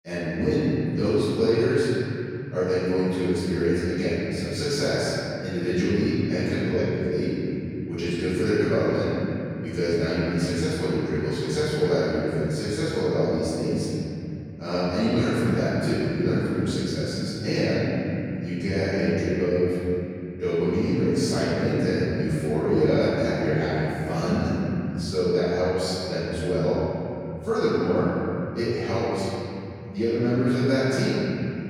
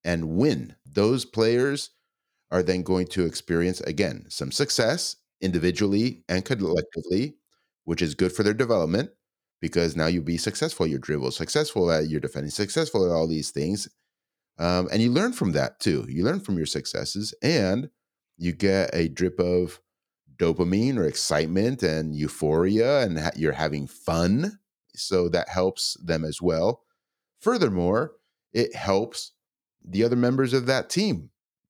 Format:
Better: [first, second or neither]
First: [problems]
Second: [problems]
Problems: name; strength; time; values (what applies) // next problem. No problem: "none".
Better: second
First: room echo; strong; dies away in 3 s // off-mic speech; far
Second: none